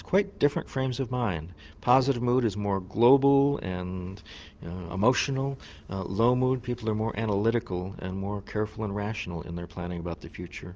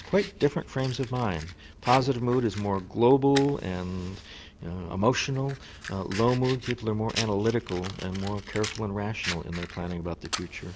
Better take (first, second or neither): first